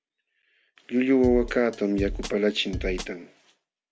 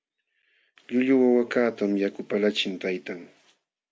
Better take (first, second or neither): second